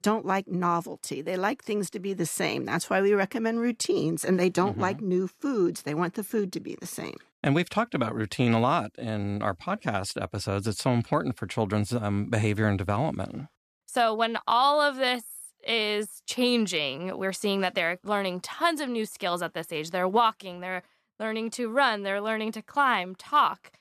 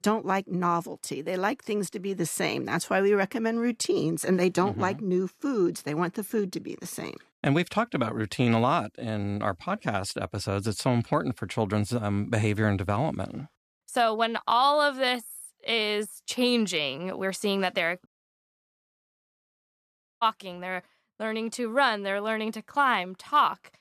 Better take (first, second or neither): first